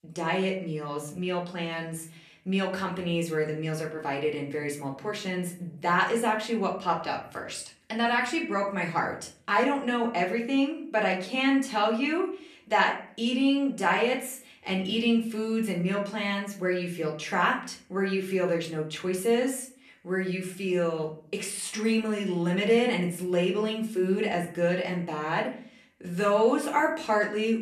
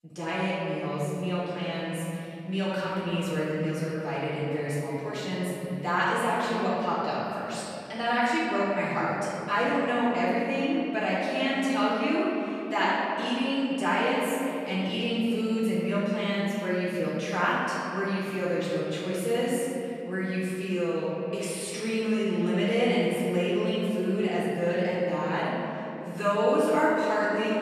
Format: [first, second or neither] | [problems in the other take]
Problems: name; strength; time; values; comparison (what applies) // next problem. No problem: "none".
first | room echo; strong; dies away in 2.9 s; slight in the first // off-mic speech; far; somewhat distant in the first